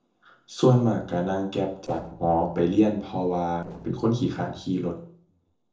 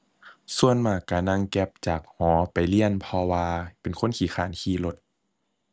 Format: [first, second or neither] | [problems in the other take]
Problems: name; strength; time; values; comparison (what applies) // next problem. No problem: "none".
second | noise reduction (neural separator model SepFormer DNS4)